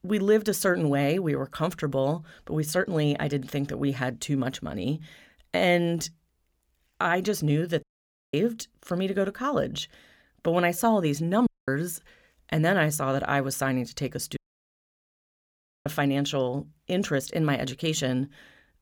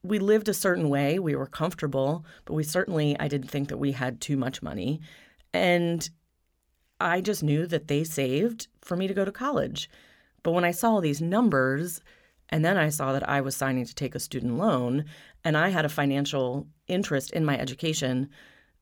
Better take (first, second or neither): second